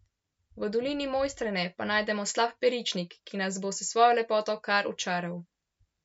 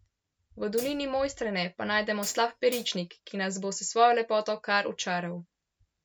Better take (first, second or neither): first